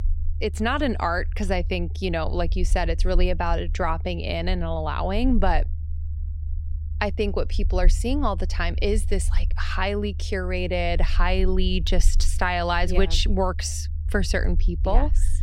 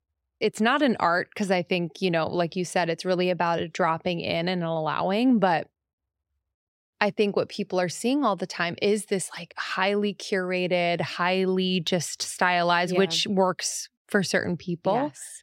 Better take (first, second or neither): second